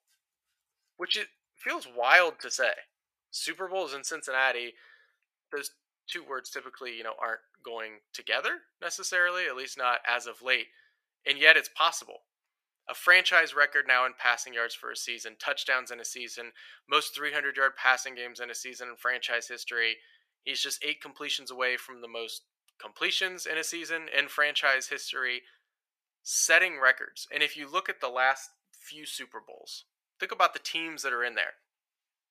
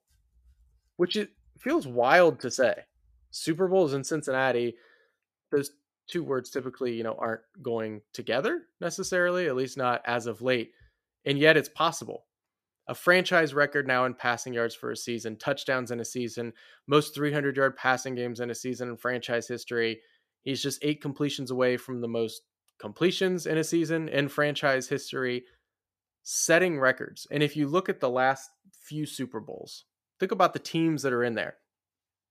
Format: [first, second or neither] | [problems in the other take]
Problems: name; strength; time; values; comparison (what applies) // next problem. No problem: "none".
second | thin; very; fading below 850 Hz